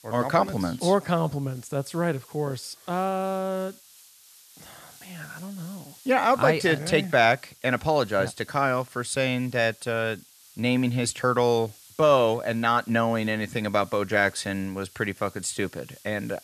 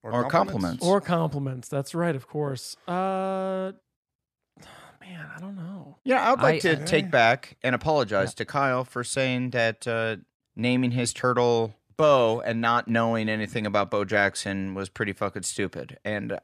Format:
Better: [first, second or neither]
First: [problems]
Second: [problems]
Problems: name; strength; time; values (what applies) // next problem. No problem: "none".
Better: second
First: hiss; faint; throughout; 25 dB below the speech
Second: none